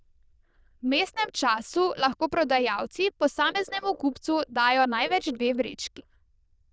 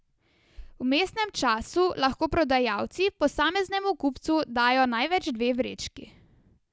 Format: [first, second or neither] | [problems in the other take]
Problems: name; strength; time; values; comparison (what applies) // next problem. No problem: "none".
second | noise reduction (neural diffusion model UNIVERSE++)